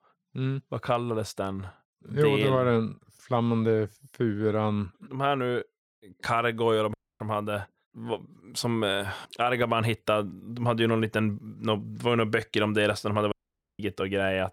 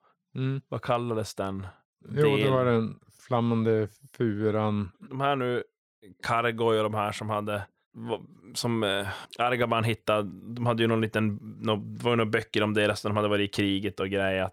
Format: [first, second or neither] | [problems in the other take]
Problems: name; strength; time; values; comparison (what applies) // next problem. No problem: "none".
second | audio cutting out; at 7 s and at 13 s